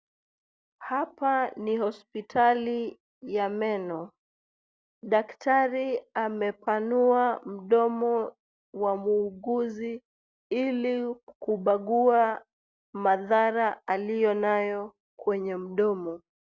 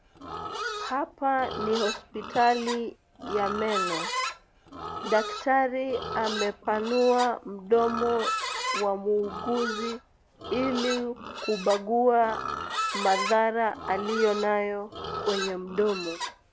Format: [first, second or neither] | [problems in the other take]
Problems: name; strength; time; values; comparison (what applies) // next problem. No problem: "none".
first | background sound (Livestock, farm animals, working animals); 7 dB below the speech